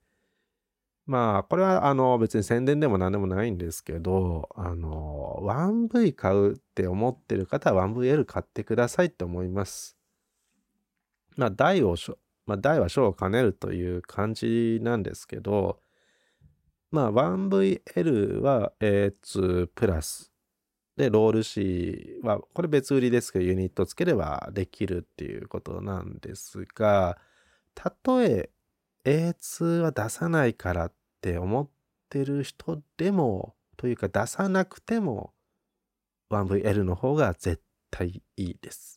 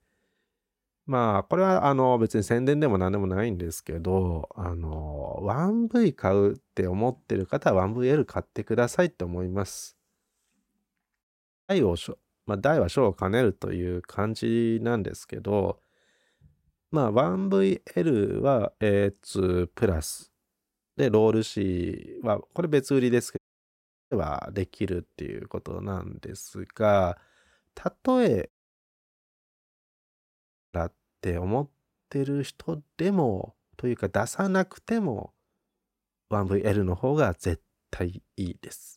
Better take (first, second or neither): first